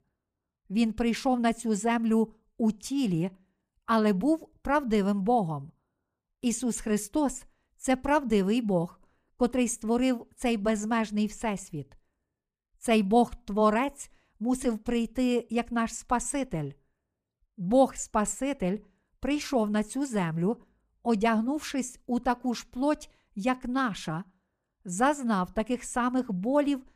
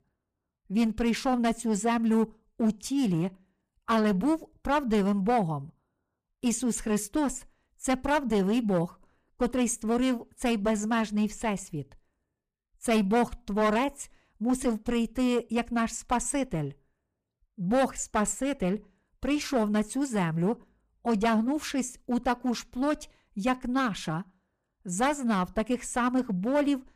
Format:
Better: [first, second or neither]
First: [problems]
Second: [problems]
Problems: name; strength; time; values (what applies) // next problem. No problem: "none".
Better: first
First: none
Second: distortion; slight; 6% of the sound clipped